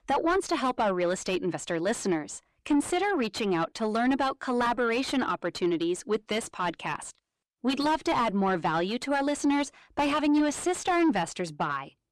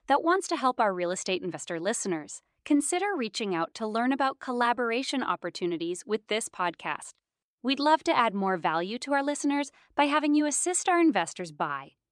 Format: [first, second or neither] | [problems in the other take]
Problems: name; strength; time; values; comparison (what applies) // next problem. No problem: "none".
second | distortion; heavy; 7 dB below the speech